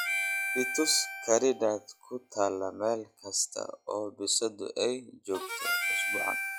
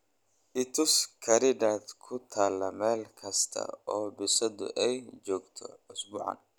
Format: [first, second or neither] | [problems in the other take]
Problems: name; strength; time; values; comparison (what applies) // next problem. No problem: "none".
second | noise reduction (classical method log-MMSE)